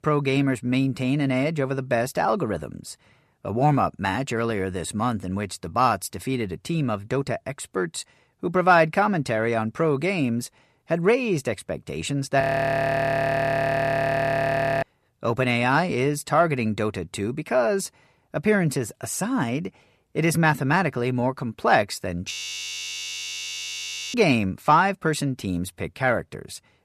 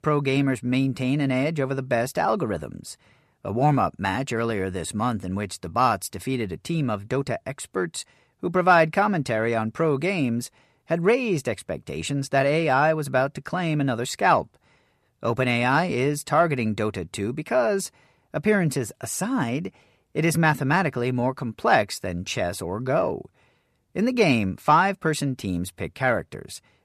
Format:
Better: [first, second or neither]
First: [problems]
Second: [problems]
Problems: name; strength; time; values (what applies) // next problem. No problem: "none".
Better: second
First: audio freezing; at 12 s for 2.5 s and at 22 s for 2 s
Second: none